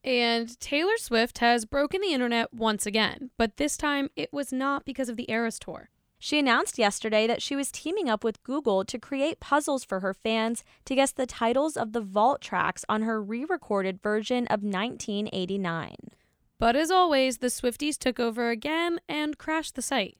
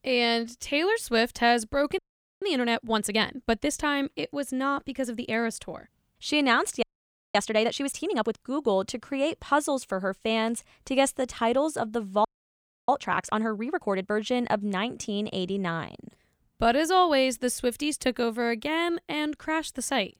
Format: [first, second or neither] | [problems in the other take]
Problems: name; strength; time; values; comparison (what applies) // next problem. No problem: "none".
first | audio freezing; at 2 s, at 7 s for 0.5 s and at 12 s for 0.5 s